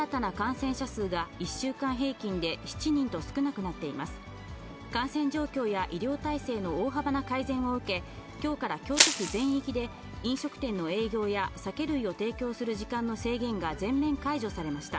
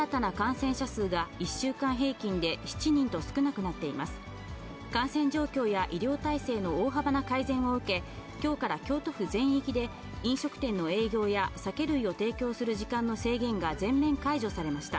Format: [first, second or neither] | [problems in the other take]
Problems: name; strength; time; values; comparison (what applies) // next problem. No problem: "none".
second | background sound (Crushing); 3 dB above the speech